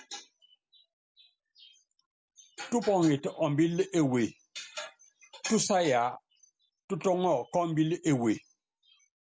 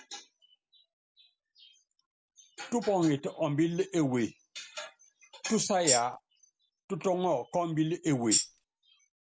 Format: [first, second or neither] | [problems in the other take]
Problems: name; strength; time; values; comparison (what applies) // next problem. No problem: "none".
first | background sound (Tambourine); 4 dB above the speech